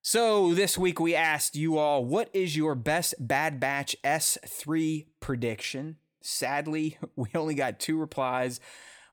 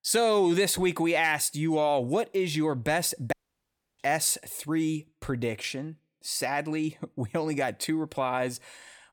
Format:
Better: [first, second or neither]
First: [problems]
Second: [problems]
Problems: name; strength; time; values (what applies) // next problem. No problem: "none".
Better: first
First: none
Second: audio cutting out; at 3.5 s for 0.5 s